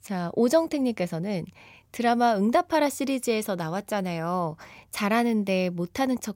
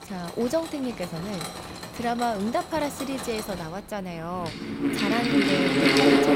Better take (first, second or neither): first